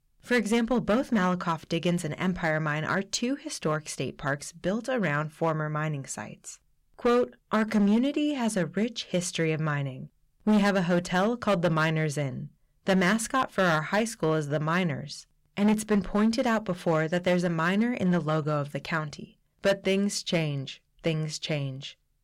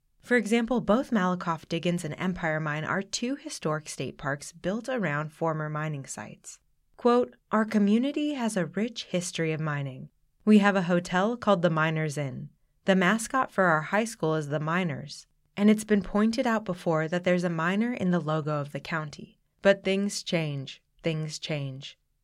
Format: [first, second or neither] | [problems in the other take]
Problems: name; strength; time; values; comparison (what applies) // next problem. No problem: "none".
second | distortion; slight; 5% of the sound clipped